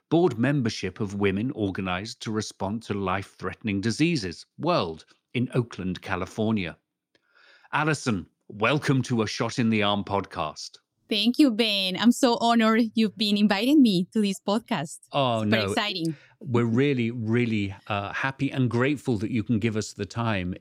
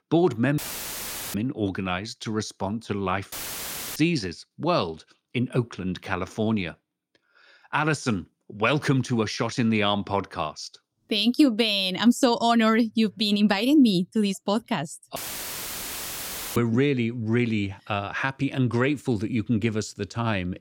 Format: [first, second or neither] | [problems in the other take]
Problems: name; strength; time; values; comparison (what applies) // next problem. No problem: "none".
first | audio cutting out; filled with static; at 0.5 s for 1 s, at 3.5 s for 0.5 s and at 15 s for 1.5 s